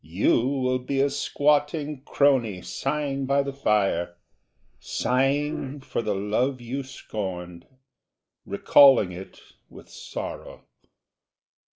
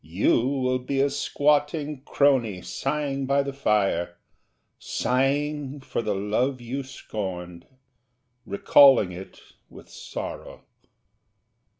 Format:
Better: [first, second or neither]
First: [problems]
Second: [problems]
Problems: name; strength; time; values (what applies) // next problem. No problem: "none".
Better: second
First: noise reduction (neural mask model Resemble Enhance denoiser)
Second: none